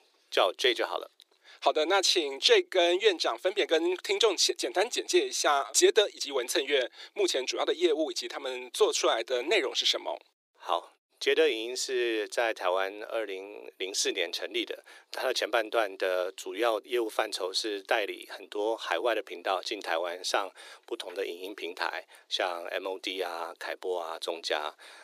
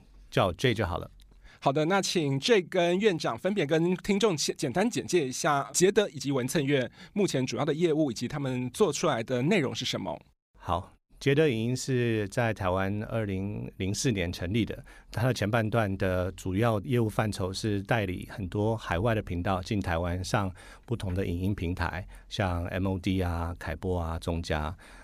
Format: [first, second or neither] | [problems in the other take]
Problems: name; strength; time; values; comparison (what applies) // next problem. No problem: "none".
second | thin; very; fading below 350 Hz